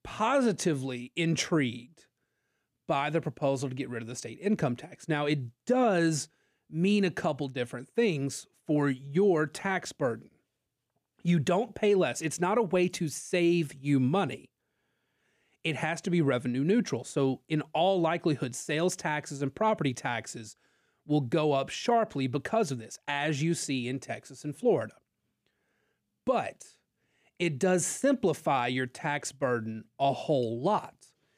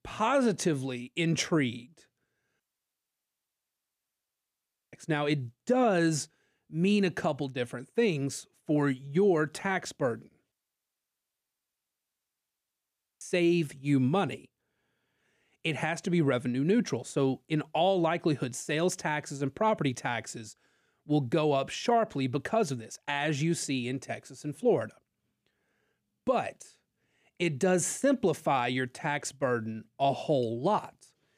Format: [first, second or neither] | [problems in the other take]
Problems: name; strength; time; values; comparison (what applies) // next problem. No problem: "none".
first | audio cutting out; at 2.5 s for 2.5 s and at 11 s for 2.5 s